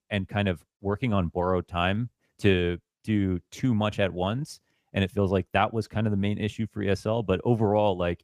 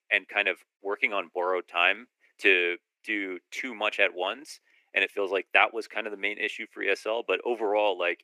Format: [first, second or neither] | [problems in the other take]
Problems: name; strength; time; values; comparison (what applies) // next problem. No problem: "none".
first | thin; very; fading below 300 Hz